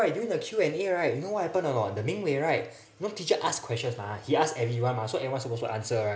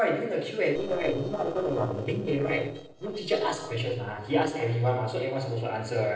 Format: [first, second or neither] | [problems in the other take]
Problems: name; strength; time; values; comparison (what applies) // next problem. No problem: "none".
first | noise reduction (neural separator model SepFormer DNS4)